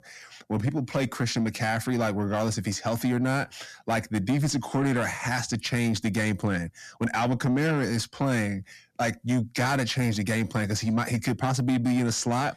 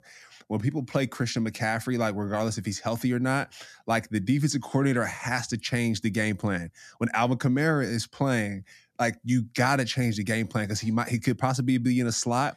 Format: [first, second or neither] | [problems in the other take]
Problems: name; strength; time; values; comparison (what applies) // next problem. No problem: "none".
second | distortion; slight; 10 dB below the speech